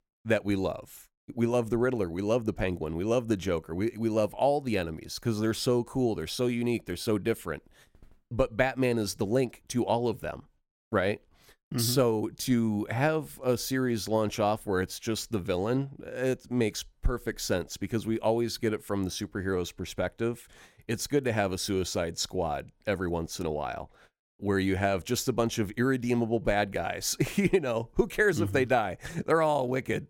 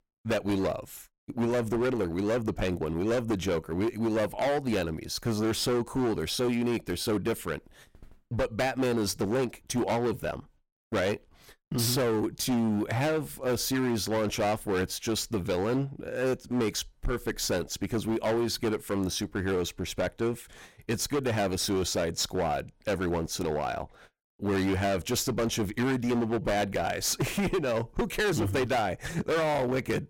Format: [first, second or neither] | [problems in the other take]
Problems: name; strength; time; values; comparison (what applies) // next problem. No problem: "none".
first | distortion; heavy; 18% of the sound clipped